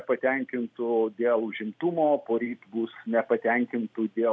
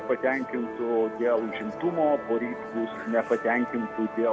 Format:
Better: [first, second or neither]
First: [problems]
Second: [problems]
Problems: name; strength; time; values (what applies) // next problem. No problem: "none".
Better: first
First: none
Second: background sound (Musical instrument); 9 dB below the speech